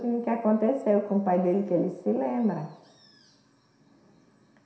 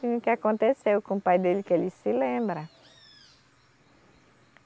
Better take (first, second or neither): second